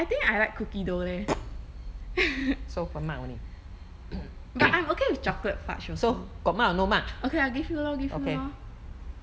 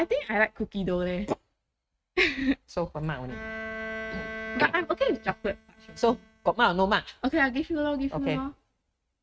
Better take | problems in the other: first | noise reduction (neural mask model RNNoise)

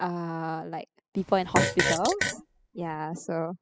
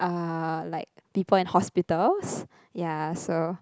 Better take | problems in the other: second | noise reduction (classical method spectral subtraction)

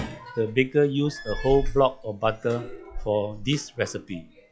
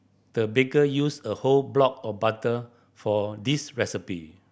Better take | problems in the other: second | noise reduction (classical method log-MMSE)

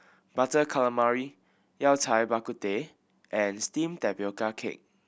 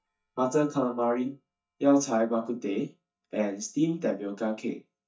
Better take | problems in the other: first | noise reduction (neural mask model DeepFilterNet 3)

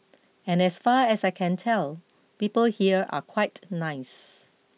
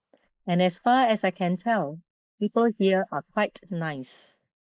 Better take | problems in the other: first | noise reduction (neural mask model Resemble Enhance denoiser)

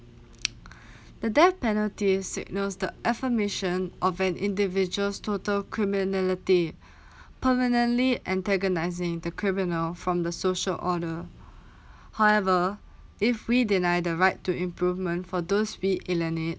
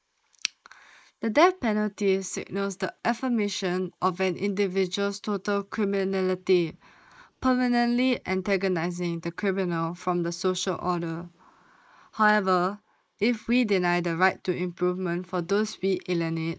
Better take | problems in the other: first | noise reduction (neural mask model Resemble Enhance denoiser)

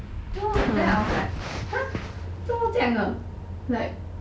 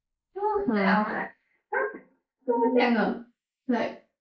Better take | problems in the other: first | noise reduction (neural mask model Resemble Enhance denoiser)

